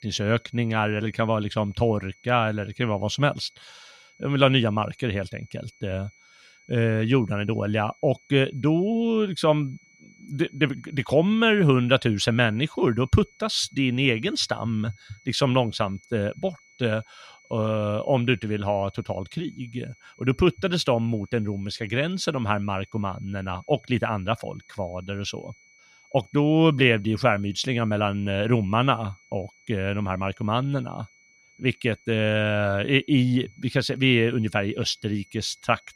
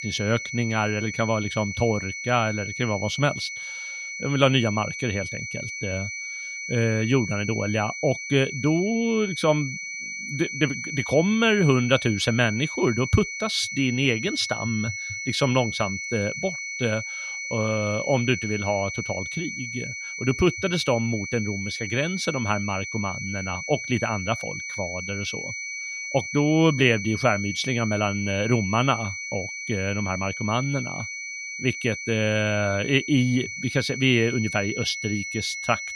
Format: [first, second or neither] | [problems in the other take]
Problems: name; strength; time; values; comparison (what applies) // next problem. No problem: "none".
first | high-pitched whine; loud; throughout; 2 kHz, 6 dB below the speech; faint in the first